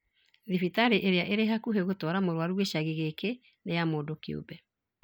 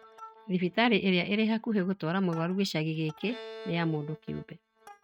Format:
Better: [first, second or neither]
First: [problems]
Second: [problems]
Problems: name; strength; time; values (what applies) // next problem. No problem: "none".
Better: first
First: none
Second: noise reduction (neural mask model RNNoise)